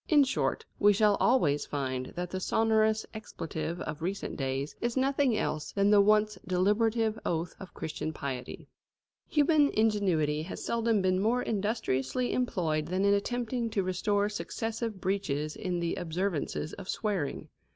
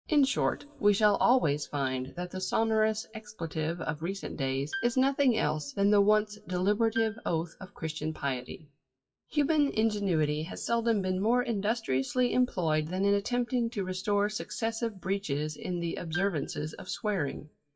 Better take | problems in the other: first | noise reduction (classical method WPE with log-MMSE)

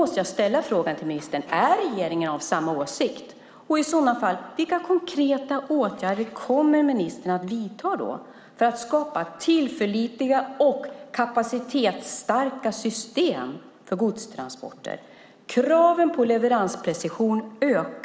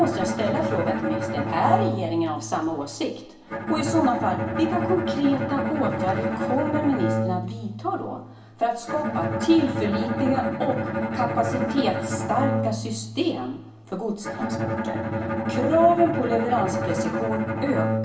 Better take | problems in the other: first | background sound (Bowed string instrument); 2 dB below the speech // room echo; dies away in 0.3 s

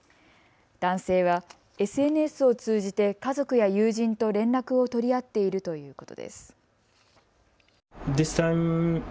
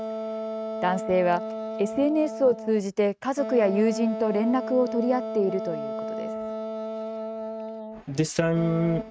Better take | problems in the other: first | noise reduction (neural mask model RNNoise)

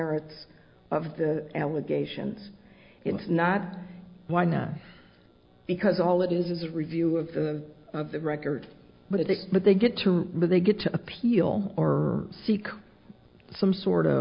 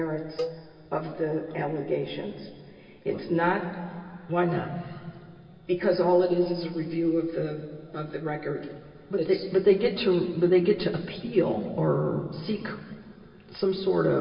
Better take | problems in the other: first | background sound (Cowbell); 12 dB below the speech // room echo; dies away in 2.5 s

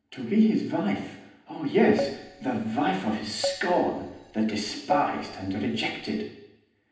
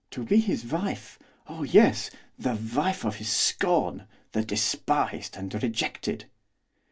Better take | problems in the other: second | background sound (Keyboard (musical)); 10 dB below the speech // room echo; dies away in 0.9 s

